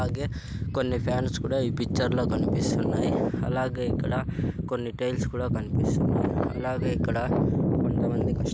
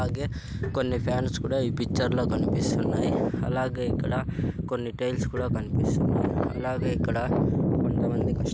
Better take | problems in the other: first | background sound (Tap); 16 dB below the speech

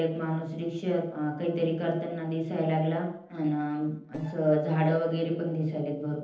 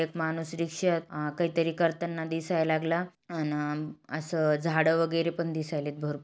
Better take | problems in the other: second | noise reduction (neural separator model SepFormer DNS4)

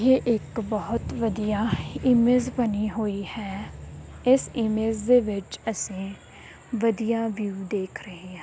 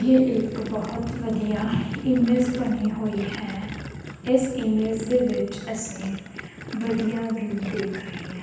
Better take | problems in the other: first | background sound (Gurgling); 13 dB below the speech // room echo; dies away in 0.9 s

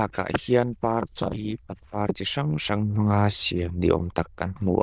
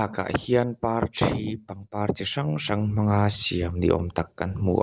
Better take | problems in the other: second | noise reduction (neural diffusion model UNIVERSE++)

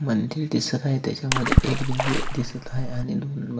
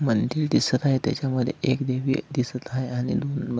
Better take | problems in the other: second | background sound (Water / Splash, splatter); 3 dB above the speech // room echo; dies away in 0.5 s

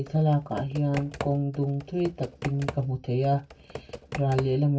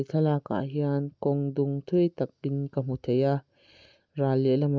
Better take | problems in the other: second | background sound (Computer keyboard); 13 dB below the speech // room echo; dies away in 0.2 s

